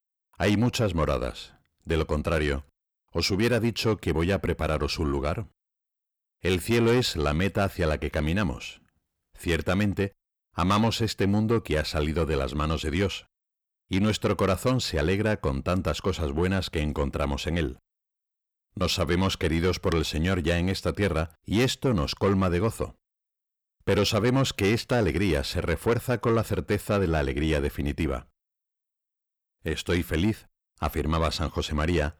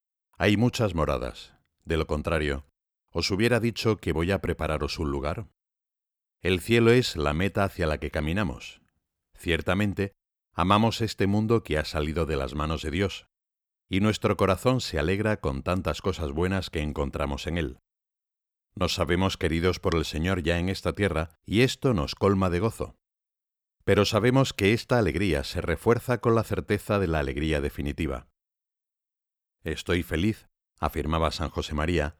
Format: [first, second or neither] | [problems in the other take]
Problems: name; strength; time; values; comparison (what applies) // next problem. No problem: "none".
second | distortion; slight; 10 dB below the speech